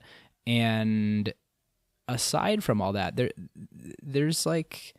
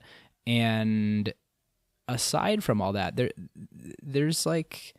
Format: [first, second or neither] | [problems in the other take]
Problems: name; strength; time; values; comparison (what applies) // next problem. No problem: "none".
neither | none